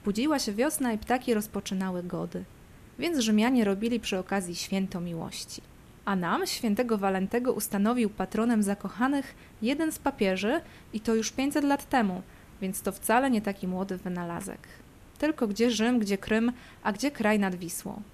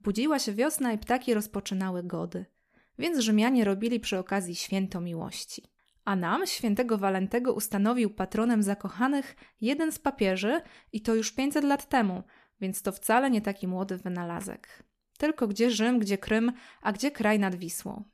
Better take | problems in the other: second | hiss; faint; throughout; 25 dB below the speech

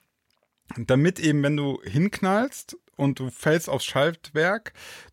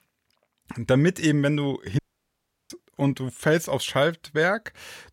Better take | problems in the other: first | audio cutting out; at 2 s for 0.5 s

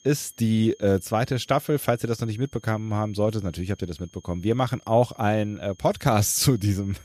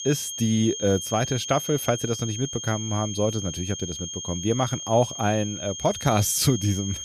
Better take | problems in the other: first | high-pitched whine; loud; throughout; 6.5 kHz, 7 dB below the speech; faint in the first

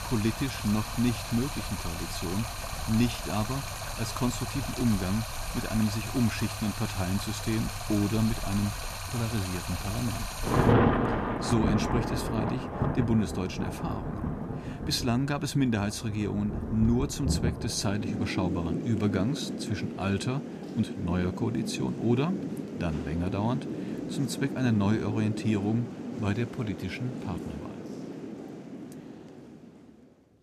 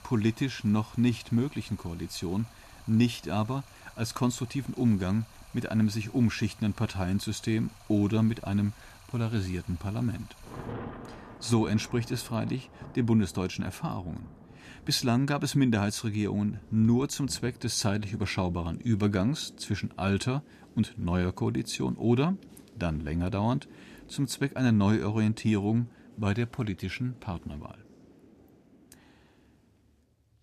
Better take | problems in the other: second | rain or running water; loud; throughout; 3 dB below the speech; faint in the second

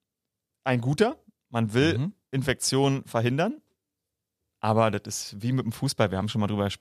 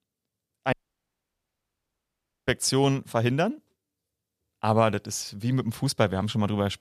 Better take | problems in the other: first | audio cutting out; at 0.5 s for 1.5 s

